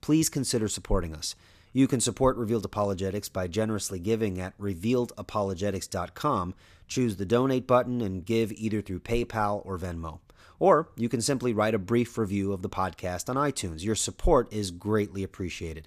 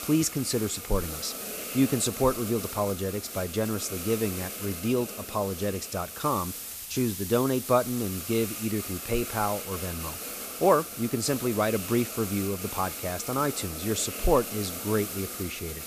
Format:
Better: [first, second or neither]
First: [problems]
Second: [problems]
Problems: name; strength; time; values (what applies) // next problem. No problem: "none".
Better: first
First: none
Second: hiss; loud; throughout; 6 dB below the speech